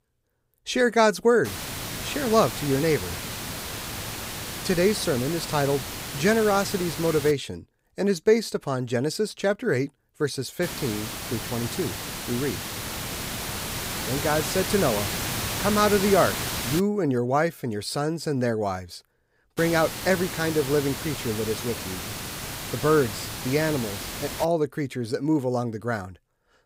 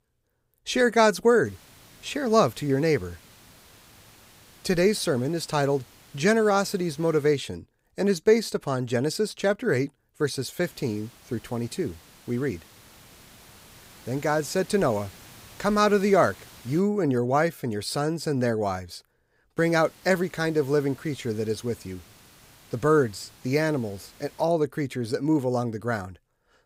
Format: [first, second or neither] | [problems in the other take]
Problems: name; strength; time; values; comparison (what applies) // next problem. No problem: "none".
second | hiss; loud; from 1.5 to 7.5 s, from 11 to 17 s and from 20 to 24 s; 6 dB below the speech; faint in the second